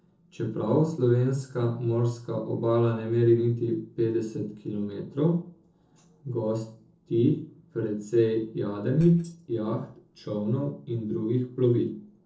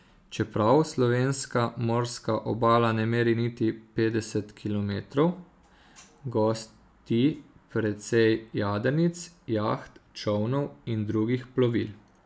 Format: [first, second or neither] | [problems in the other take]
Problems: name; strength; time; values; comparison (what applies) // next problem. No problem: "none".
second | noise reduction (neural separator model SepFormer DNS4)